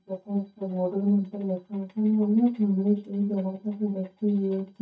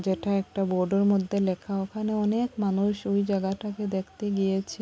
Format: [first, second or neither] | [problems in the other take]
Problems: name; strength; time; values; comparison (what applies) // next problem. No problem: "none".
second | noise reduction (neural mask model DeepFilterNet 3)